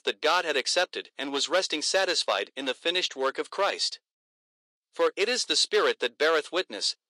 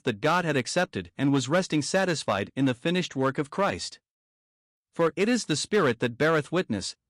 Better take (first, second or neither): second